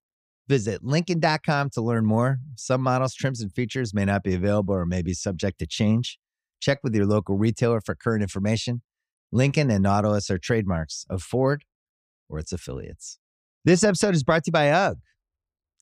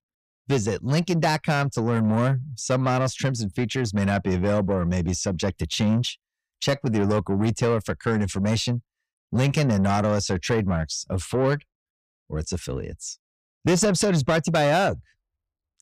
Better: first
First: none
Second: distortion; slight; 10 dB below the speech

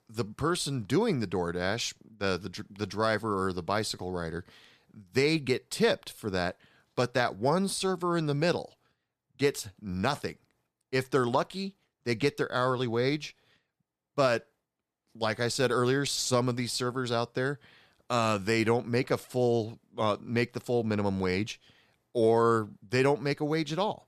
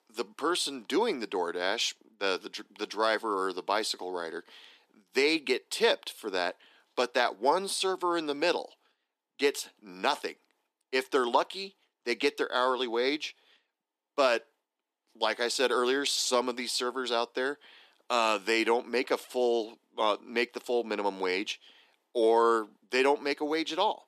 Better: first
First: none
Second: thin; somewhat; fading below 250 Hz

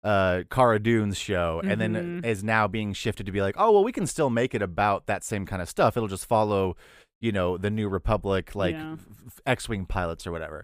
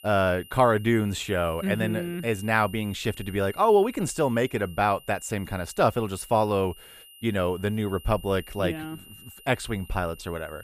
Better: first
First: none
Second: high-pitched whine; faint; throughout; 3 kHz, 20 dB below the speech

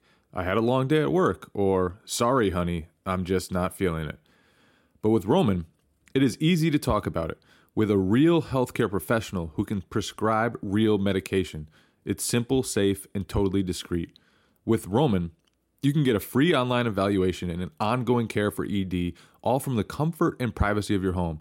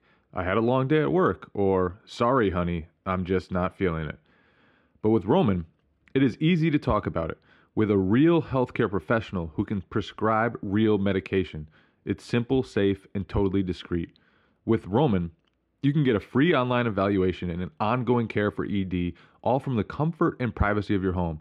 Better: first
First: none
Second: muffled; slightly; fading above 2.5 kHz

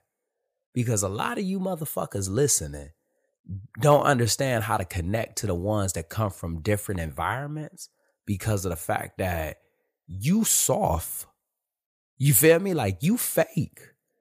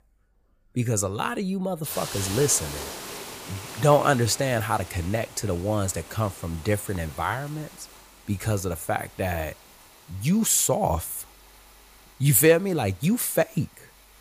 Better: first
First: none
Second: hiss; noticeable; throughout; 15 dB below the speech

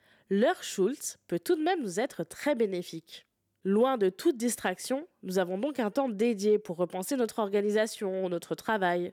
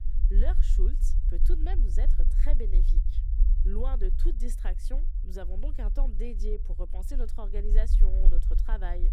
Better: first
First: none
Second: low rumble; loud; throughout; 9 dB below the speech

